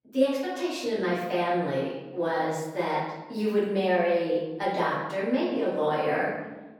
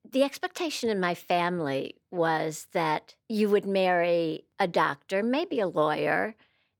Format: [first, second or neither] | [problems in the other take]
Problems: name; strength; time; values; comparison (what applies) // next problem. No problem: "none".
second | room echo; noticeable; dies away in 1 s // off-mic speech; far